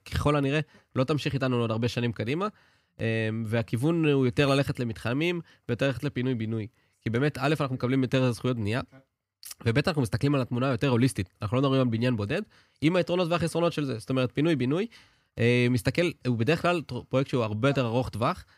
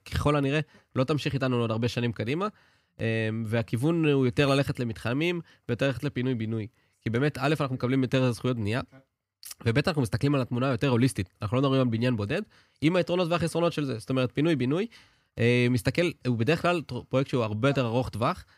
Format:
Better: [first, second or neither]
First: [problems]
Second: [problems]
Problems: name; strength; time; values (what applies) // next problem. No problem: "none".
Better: neither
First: none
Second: none